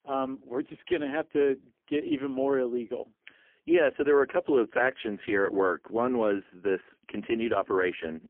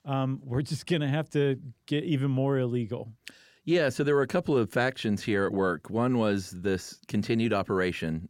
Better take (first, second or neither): second